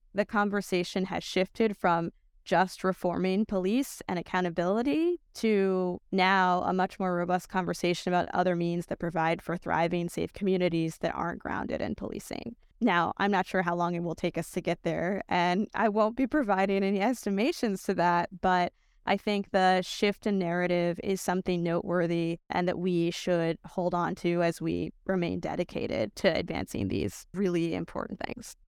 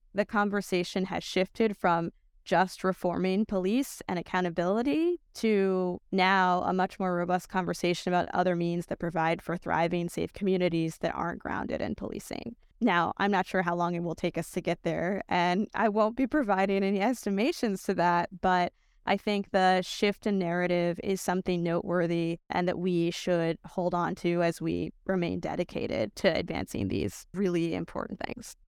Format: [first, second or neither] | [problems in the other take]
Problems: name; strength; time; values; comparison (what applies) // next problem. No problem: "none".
neither | none